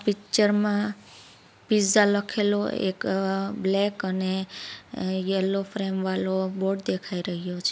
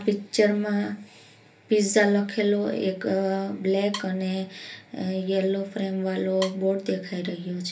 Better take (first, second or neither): first